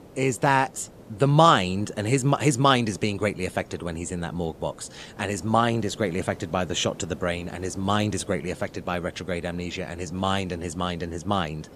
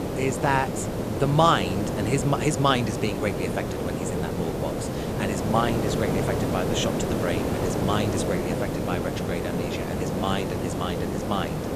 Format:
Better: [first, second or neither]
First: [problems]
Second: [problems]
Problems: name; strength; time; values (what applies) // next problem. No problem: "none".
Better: first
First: hiss; faint; throughout; 20 dB below the speech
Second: hiss; loud; throughout; 1 dB below the speech